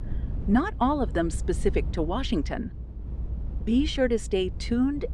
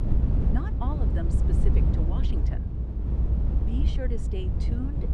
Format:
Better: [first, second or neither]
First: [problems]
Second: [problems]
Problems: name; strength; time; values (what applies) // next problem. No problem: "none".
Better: first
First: low rumble; faint; throughout; 20 dB below the speech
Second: low rumble; loud; throughout; as loud as the speech